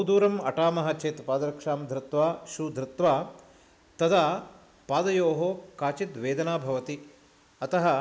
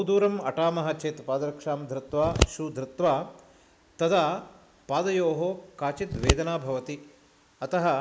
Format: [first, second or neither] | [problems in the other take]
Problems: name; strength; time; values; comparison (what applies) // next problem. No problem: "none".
first | background sound (Scissors); 1 dB below the speech